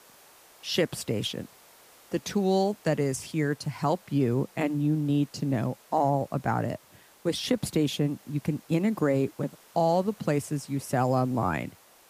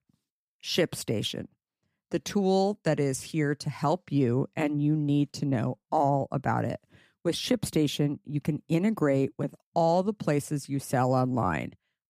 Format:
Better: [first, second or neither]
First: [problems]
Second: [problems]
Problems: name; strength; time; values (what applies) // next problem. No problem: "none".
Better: second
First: hiss; faint; throughout; 25 dB below the speech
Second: none